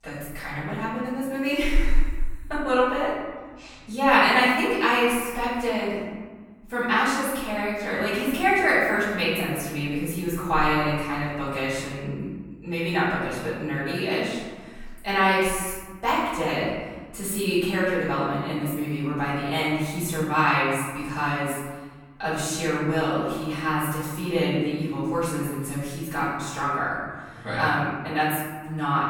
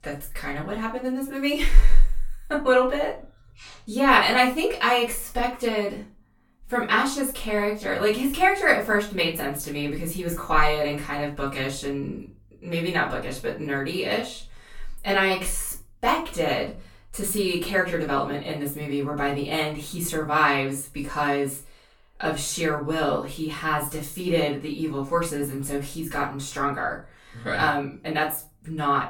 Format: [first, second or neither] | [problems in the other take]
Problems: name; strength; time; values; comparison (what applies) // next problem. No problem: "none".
second | room echo; strong; dies away in 1.4 s; slight in the second // off-mic speech; far; far in the second